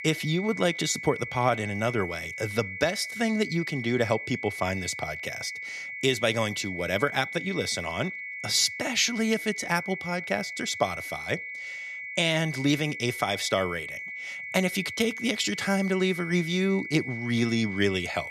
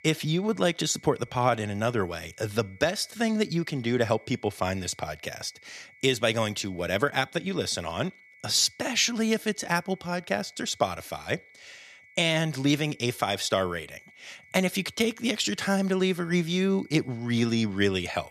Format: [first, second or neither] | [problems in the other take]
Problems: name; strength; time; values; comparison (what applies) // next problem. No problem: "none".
second | high-pitched whine; loud; throughout; 2 kHz, 7 dB below the speech; faint in the second